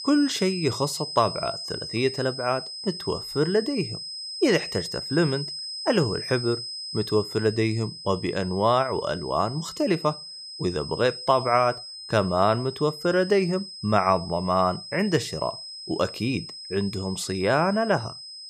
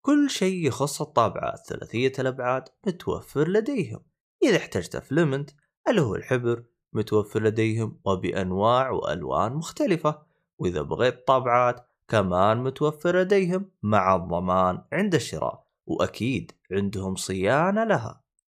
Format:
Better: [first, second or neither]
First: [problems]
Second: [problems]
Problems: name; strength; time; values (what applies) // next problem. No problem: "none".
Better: second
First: high-pitched whine; loud; throughout; 5 kHz, 9 dB below the speech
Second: none